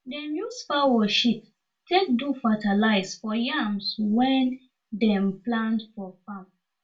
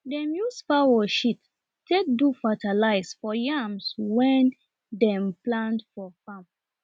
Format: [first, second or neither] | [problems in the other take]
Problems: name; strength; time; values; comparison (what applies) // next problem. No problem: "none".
second | room echo; dies away in 0.2 s